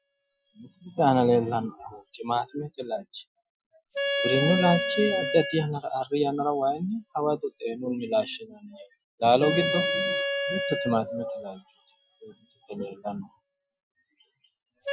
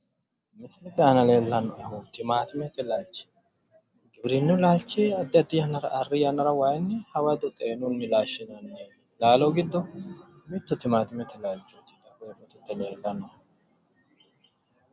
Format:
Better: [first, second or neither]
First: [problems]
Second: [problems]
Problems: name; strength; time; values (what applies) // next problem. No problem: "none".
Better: second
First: noise reduction (classical method Wiener filter)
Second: none